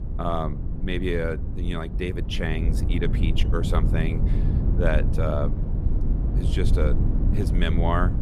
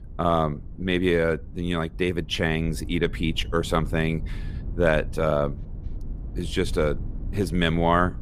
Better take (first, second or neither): second